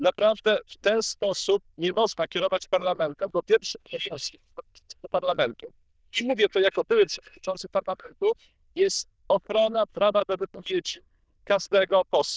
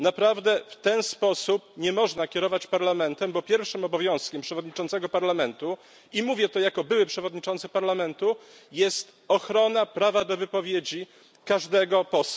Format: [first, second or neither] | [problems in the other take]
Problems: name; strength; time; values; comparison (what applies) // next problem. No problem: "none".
second | noise reduction (neural diffusion model UNIVERSE++)